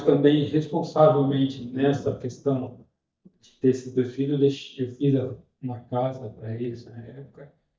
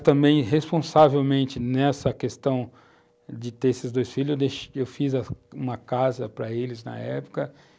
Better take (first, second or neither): second